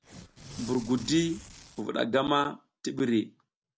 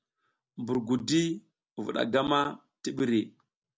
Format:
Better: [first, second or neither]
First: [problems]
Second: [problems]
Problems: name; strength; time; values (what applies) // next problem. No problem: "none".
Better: second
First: background sound (Tearing); 16 dB below the speech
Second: none